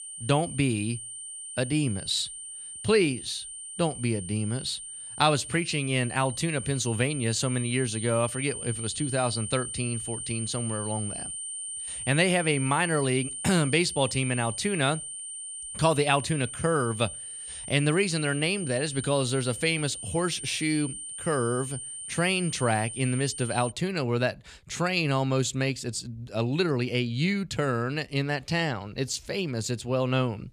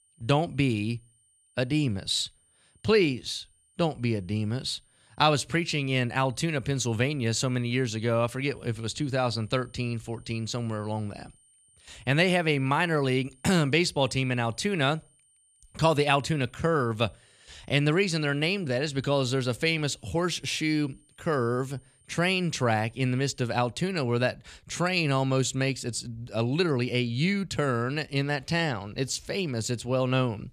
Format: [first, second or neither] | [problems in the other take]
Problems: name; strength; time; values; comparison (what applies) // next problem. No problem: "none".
second | high-pitched whine; loud; until 24 s; 9 kHz, 8 dB below the speech; faint in the second